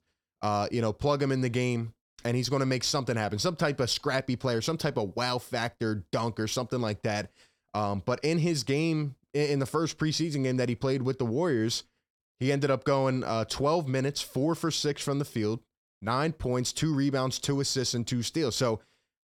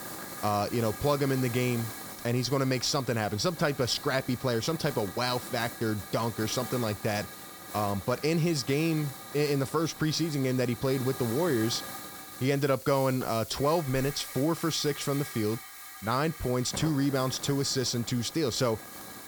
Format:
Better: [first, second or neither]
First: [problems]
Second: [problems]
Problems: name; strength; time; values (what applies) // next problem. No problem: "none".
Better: first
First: none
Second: hiss; noticeable; throughout; 10 dB below the speech